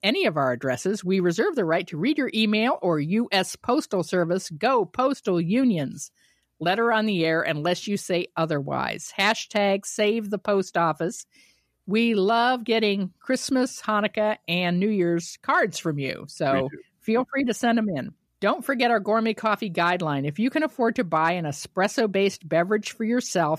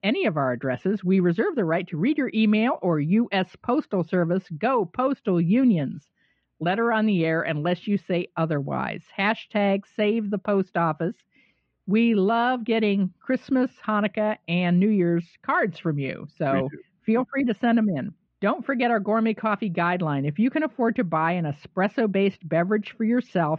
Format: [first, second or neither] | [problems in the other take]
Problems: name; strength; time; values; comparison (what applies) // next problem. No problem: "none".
first | muffled; very; fading above 3 kHz